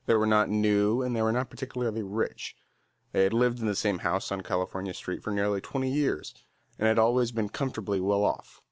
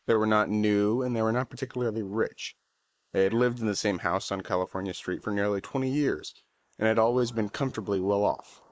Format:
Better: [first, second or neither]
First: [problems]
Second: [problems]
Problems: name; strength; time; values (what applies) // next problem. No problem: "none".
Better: first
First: none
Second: noise reduction (neural mask model Resemble Enhance denoiser)